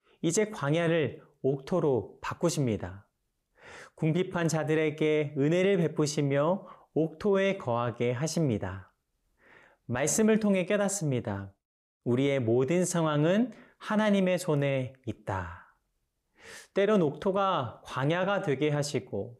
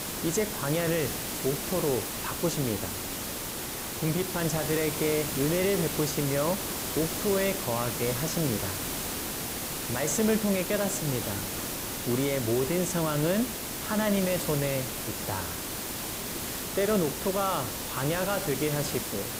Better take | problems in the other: first | hiss; loud; throughout; 2 dB below the speech

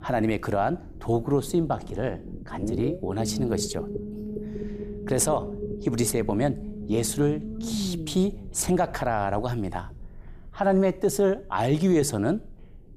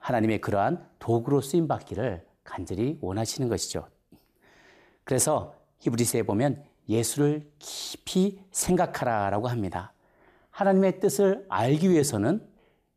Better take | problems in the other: second | low rumble; noticeable; throughout; 10 dB below the speech

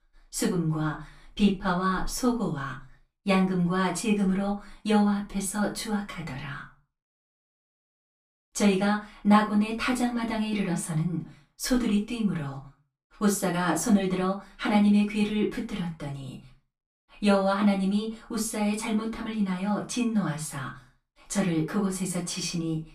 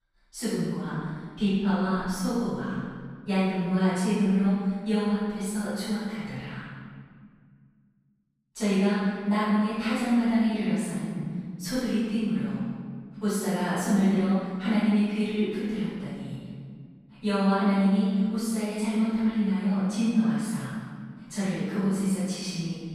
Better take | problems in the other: first | room echo; strong; dies away in 1.8 s; slight in the first // off-mic speech; far; far in the first

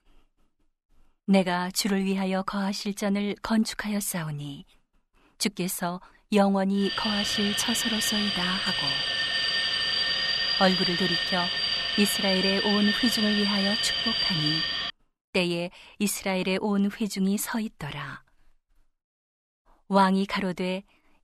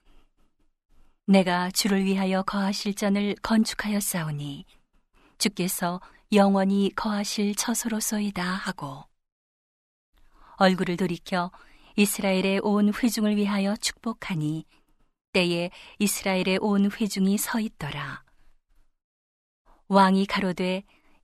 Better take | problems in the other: second | alarm; loud; from 7 to 15 s; peak 4 dB above the speech

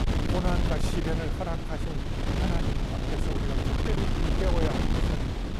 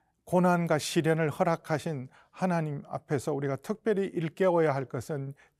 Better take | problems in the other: second | wind noise on the microphone; heavy; 2 dB above the speech

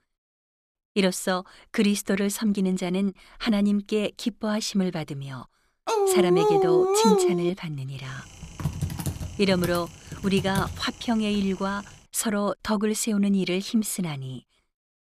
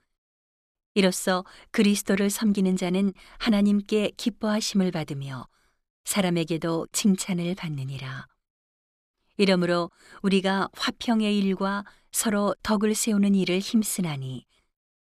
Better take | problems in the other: second | dog barking; loud; from 6 to 7.5 s; peak 6 dB above the speech // keyboard typing; noticeable; from 8.5 to 11 s; peak 4 dB below the speech

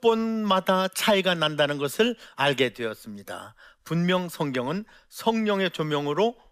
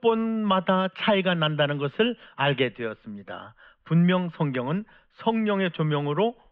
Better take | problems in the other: first | muffled; very; fading above 3 kHz

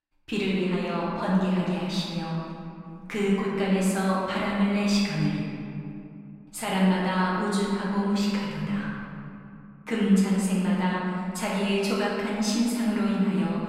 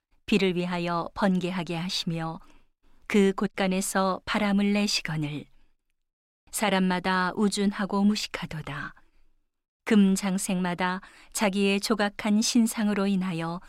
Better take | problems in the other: second | room echo; strong; dies away in 2.5 s // off-mic speech; far

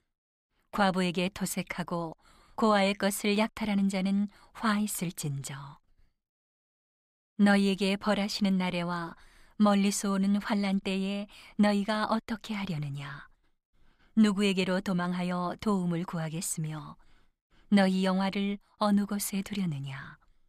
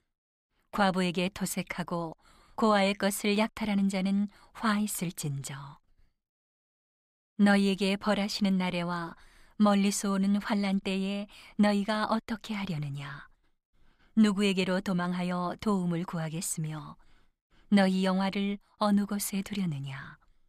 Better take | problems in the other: neither | none

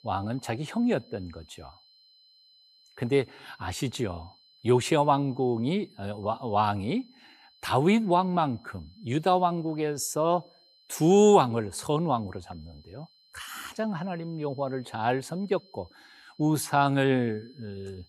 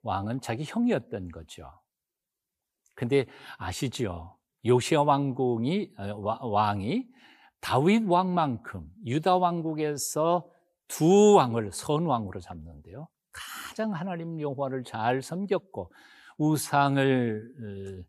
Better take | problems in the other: second | high-pitched whine; faint; throughout; 4 kHz, 30 dB below the speech

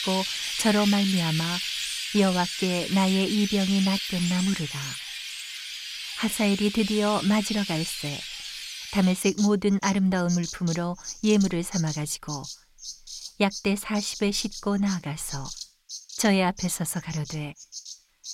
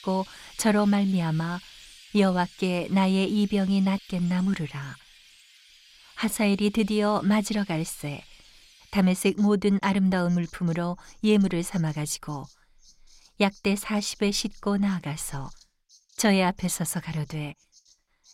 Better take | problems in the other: second | animal sounds; loud; throughout; 7 dB below the speech; faint in the second

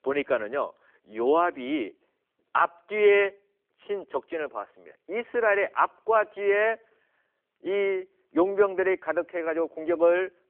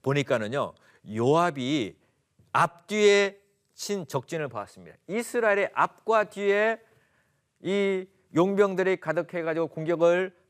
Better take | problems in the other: second | phone-call audio; nothing above 3 kHz

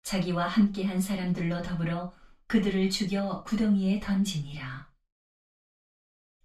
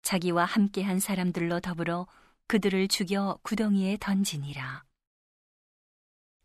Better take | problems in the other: second | room echo; slight; dies away in 0.2 s // off-mic speech; far

